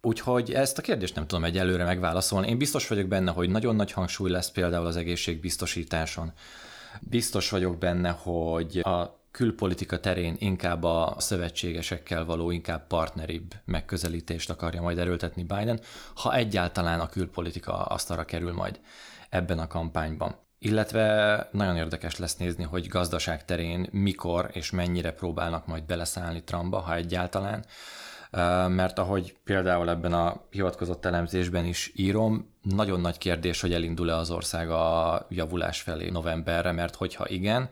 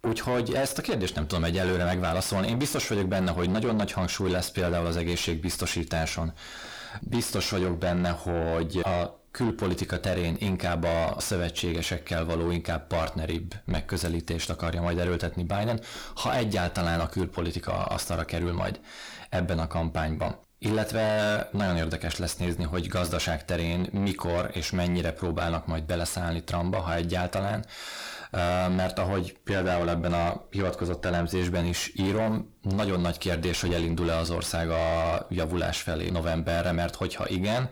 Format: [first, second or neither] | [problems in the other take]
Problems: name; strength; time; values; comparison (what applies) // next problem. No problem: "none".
first | distortion; heavy; 7 dB below the speech